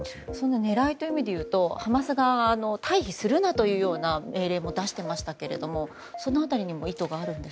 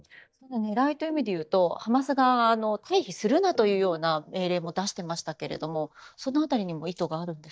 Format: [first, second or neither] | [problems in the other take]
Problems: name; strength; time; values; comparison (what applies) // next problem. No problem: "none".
first | noise reduction (neural mask model DeepFilterNet 3)